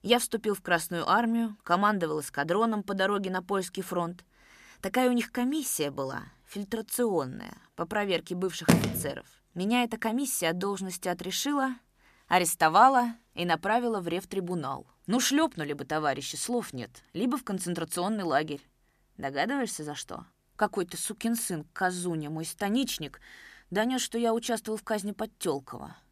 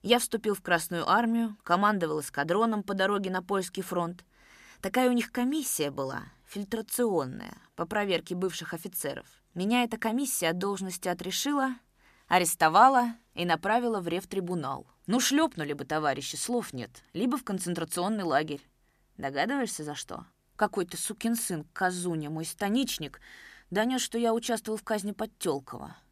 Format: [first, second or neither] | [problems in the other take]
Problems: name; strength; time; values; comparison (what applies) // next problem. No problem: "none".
second | phone ringing; loud; at 8.5 s; peak 4 dB above the speech